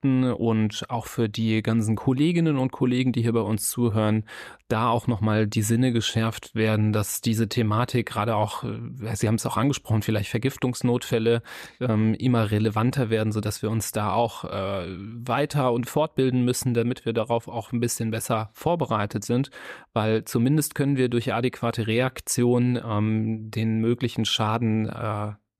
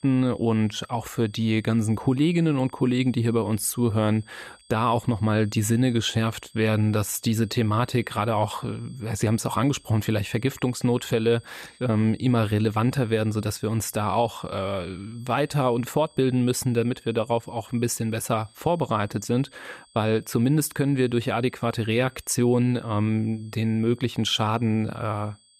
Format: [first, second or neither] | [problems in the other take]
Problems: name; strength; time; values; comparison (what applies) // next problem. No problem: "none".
first | high-pitched whine; faint; throughout; 4.5 kHz, 30 dB below the speech